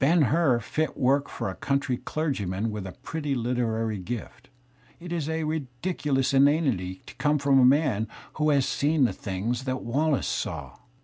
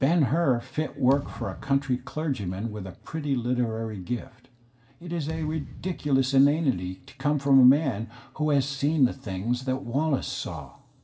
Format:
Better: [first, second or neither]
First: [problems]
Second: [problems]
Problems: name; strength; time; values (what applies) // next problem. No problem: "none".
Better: first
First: none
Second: background sound (Thump, thud); 15 dB below the speech // room echo; dies away in 0.7 s